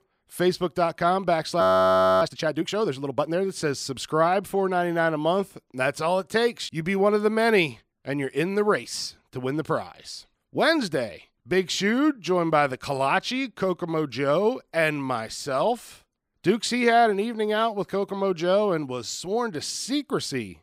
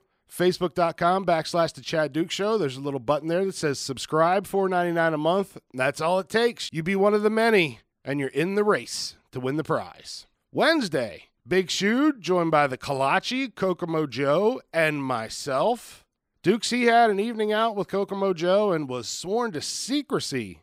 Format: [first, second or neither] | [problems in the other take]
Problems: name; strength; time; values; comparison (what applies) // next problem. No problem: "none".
second | audio freezing; at 1.5 s for 0.5 s